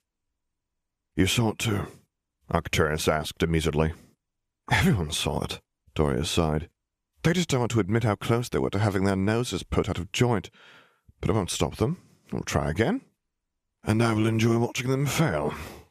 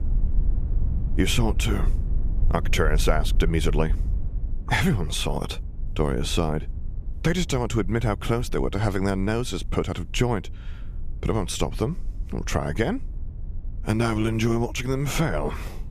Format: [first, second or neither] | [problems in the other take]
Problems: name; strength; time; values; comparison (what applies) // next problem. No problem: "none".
first | low rumble; faint; throughout; 20 dB below the speech